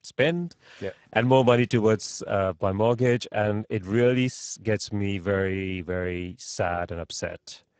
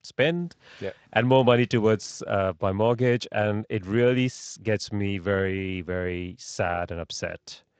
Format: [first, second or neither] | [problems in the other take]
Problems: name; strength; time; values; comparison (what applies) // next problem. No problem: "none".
second | garbled, watery; badly; nothing above 7.5 kHz; slightly in the second